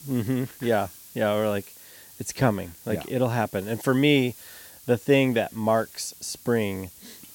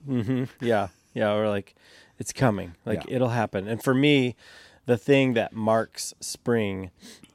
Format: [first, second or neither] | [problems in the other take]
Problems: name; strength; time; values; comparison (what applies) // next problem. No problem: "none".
second | hiss; noticeable; throughout; 20 dB below the speech